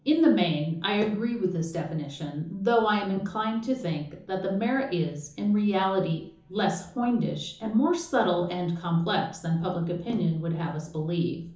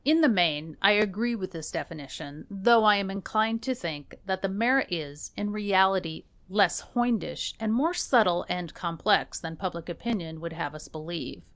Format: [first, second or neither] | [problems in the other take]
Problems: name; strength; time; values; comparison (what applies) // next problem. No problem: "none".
second | room echo; dies away in 0.7 s